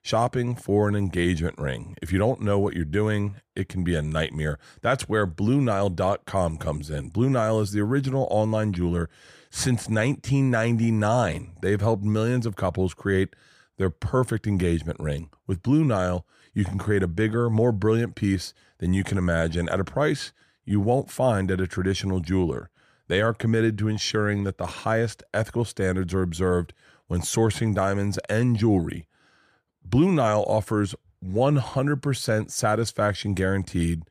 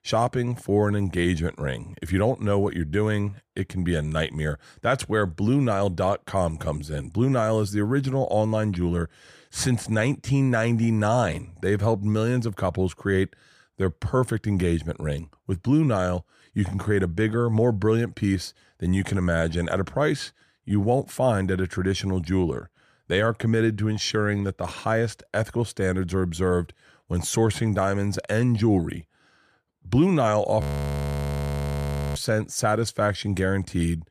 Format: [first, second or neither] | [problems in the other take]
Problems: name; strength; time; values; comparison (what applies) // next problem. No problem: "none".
first | audio freezing; at 31 s for 1.5 s